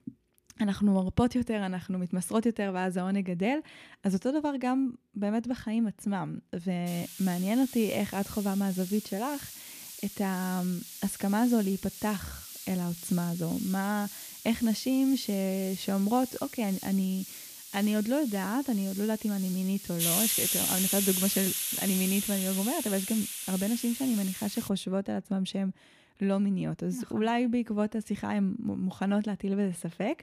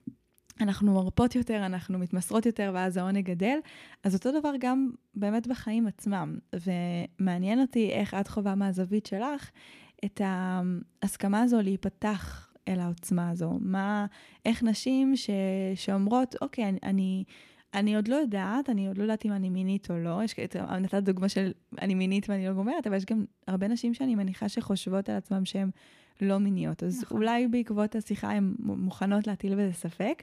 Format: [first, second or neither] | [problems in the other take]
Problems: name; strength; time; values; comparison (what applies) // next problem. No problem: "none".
second | hiss; loud; from 7 to 25 s; 4 dB below the speech